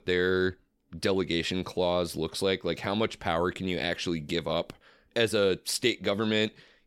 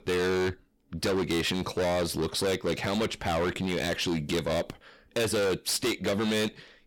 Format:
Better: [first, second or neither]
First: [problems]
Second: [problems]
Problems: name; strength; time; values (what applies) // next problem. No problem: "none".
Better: first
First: none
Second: distortion; heavy; 22% of the sound clipped